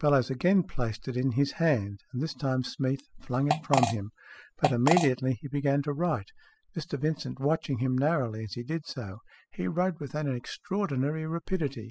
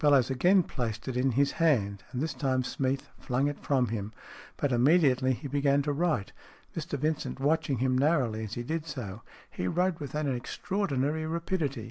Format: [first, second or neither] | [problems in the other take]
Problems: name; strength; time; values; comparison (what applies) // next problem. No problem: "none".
second | noise reduction (classical method spectral subtraction)